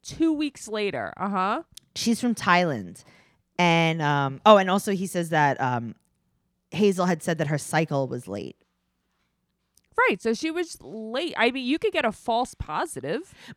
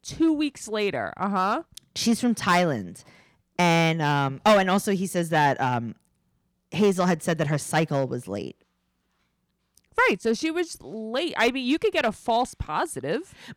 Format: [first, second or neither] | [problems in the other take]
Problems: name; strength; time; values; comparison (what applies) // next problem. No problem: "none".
first | distortion; slight; 3% of the sound clipped